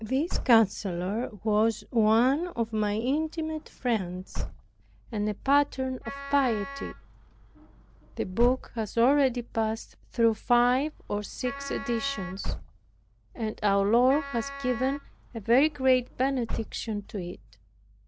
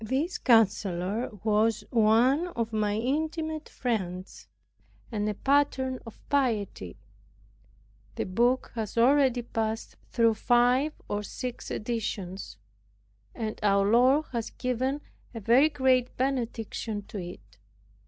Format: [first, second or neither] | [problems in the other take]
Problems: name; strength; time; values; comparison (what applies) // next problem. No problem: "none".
second | background sound (Wind instrument, woodwind instrument + Slam / Car); 11 dB below the speech